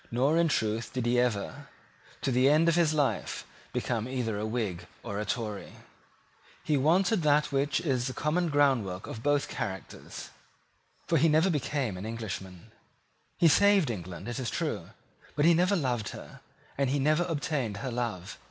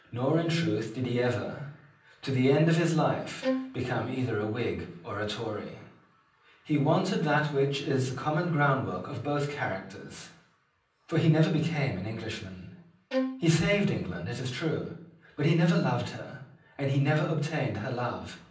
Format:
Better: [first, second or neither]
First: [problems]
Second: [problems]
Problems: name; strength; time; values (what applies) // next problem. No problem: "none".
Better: first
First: none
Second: background sound (Bowed string instrument); 6 dB below the speech // room echo; dies away in 0.6 s